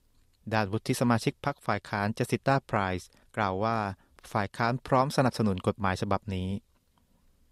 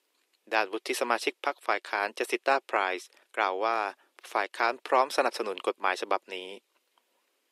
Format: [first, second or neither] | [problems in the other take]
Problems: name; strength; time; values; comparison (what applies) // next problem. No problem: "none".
first | thin; very; fading below 350 Hz